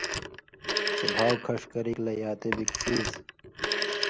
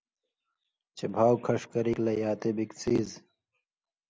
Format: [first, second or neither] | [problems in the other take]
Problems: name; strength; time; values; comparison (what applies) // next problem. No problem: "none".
second | background sound (Telephone); as loud as the speech